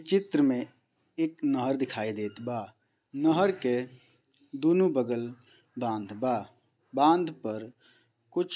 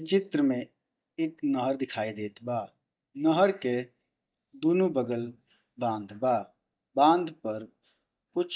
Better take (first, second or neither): first